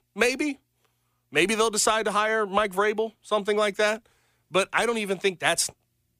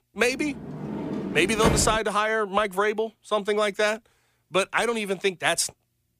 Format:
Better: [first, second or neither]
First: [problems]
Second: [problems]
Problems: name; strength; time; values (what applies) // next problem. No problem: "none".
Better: first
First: none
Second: door banging; noticeable; until 2 s; peak level with the speech